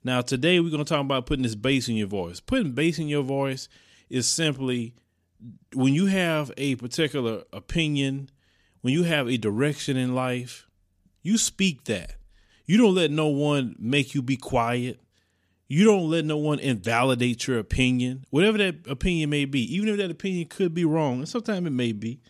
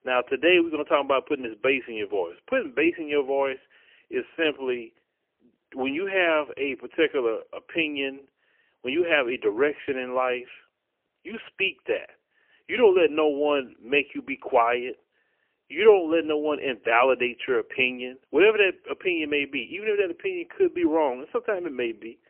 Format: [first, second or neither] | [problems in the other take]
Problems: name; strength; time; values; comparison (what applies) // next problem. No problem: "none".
first | phone-call audio; poor line; nothing above 3 kHz